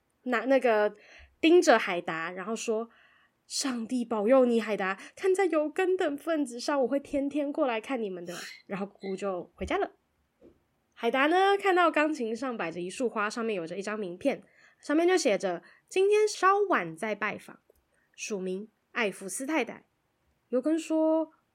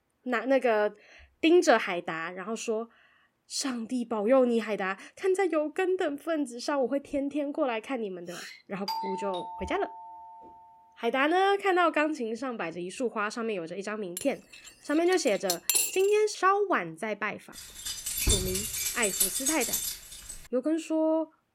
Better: first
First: none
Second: doorbell; noticeable; from 9 to 10 s; peak 5 dB below the speech // clattering dishes; loud; from 14 to 16 s; peak 4 dB above the speech // jangling keys; loud; from 18 to 20 s; peak 3 dB above the speech

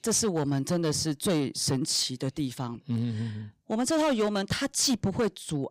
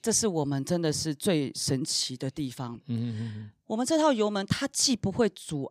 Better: second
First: distortion; slight; 8% of the sound clipped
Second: none

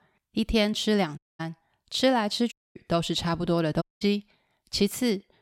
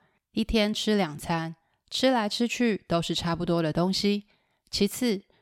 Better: second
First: audio cutting out; at 1 s, at 2.5 s and at 4 s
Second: none

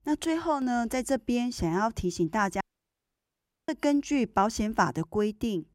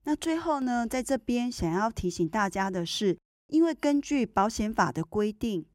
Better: second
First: audio cutting out; at 2.5 s for 1 s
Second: none

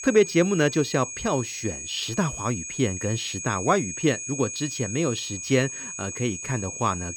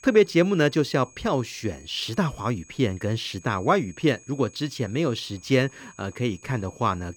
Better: second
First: high-pitched whine; loud; throughout; 6.5 kHz, 6 dB below the speech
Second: high-pitched whine; faint; throughout; 6.5 kHz, 25 dB below the speech

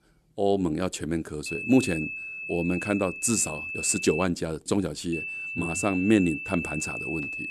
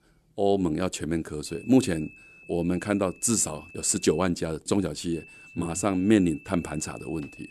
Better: second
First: high-pitched whine; loud; from 1.5 to 4 s and from 5 s on; 2.5 kHz, 6 dB below the speech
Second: high-pitched whine; faint; from 1.5 to 4 s and from 5 s on; 2.5 kHz, 20 dB below the speech

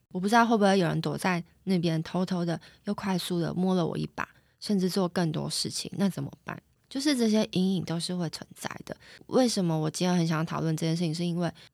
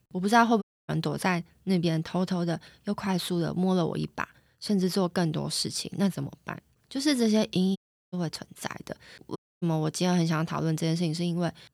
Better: first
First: none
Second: audio cutting out; at 0.5 s, at 8 s and at 9.5 s

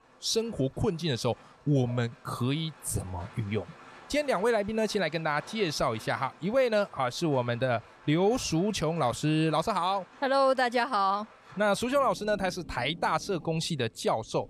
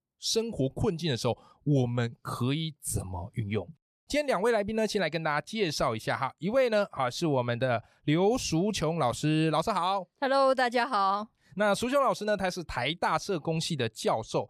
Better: second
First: rain or running water; faint; throughout; 20 dB below the speech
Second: none

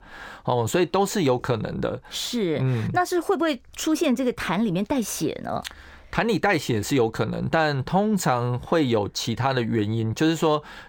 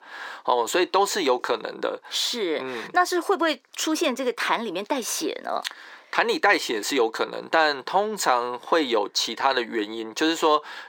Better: first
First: none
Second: thin; somewhat; fading below 300 Hz

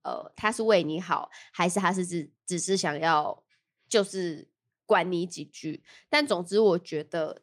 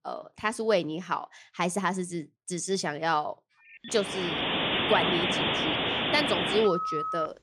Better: first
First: none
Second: alarms or sirens; very loud; from 4.5 s on; 2 dB above the speech

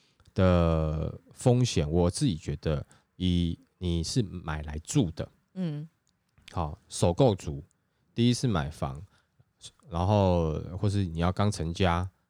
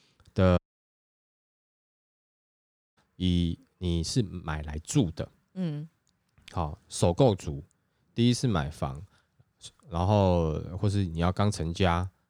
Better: first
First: none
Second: audio cutting out; at 0.5 s for 2.5 s

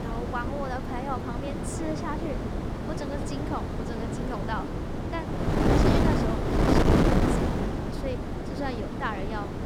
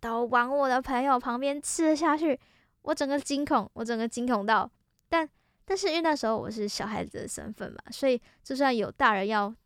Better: second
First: wind noise on the microphone; heavy; 4 dB above the speech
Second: none

